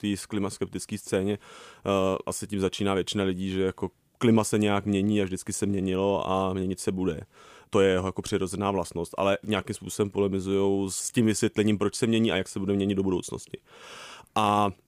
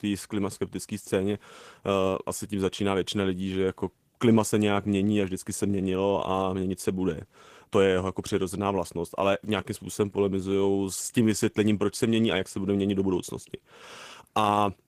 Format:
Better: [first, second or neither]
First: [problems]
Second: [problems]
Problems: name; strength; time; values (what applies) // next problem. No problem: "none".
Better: first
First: none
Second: garbled, watery; slightly